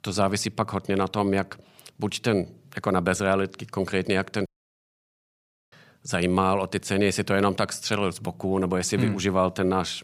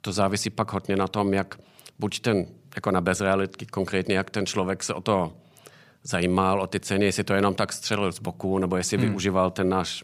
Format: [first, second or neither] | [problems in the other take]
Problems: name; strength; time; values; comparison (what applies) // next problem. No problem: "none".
second | audio cutting out; at 4.5 s for 1.5 s